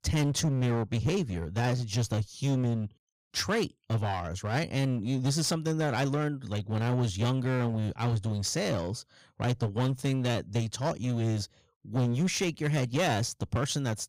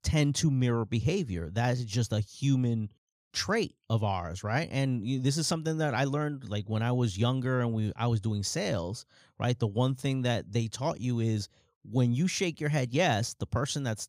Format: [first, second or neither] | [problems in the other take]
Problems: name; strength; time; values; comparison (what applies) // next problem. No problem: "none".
second | distortion; slight; 15% of the sound clipped